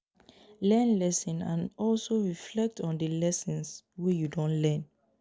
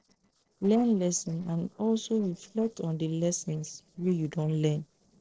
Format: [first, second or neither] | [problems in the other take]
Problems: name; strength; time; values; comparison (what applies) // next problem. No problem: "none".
first | noise reduction (neural separator model SepFormer DNS4)